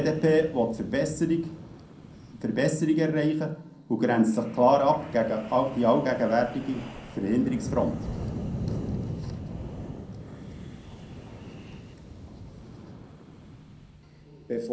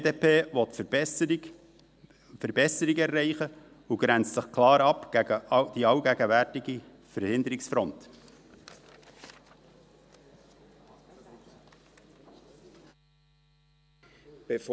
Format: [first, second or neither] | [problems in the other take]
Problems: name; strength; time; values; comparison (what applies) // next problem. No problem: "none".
second | background sound (Wind); 11 dB below the speech // room echo; dies away in 0.5 s